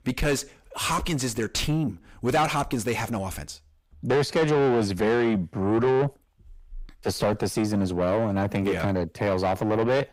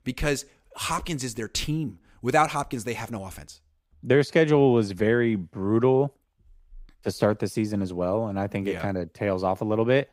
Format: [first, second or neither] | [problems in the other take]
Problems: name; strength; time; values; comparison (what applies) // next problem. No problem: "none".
second | distortion; heavy; 6 dB below the speech